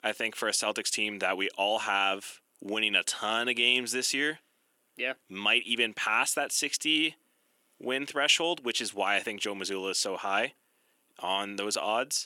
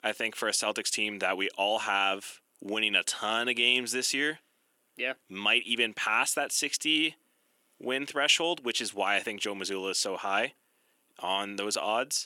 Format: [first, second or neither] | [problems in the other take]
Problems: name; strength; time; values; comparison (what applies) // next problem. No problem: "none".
neither | thin; somewhat; fading below 300 Hz; the same in both